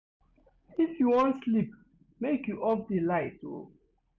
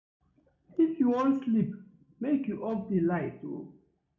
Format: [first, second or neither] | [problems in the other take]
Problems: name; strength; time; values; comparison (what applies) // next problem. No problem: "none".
first | room echo; dies away in 0.3 s